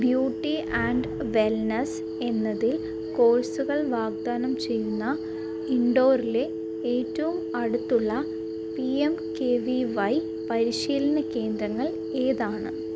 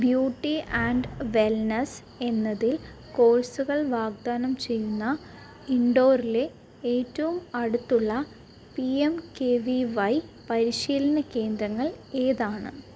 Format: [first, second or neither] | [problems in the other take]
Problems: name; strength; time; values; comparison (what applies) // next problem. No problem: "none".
second | background sound (Telephone); 6 dB below the speech